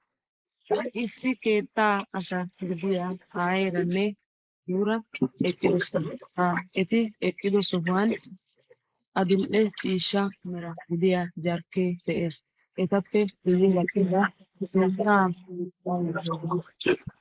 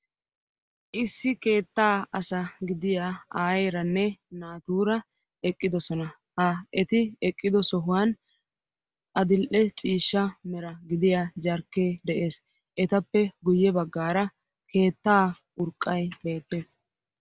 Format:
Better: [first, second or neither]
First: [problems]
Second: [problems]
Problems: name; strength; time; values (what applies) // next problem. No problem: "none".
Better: second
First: noise reduction (neural mask model Resemble Enhance denoiser)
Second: none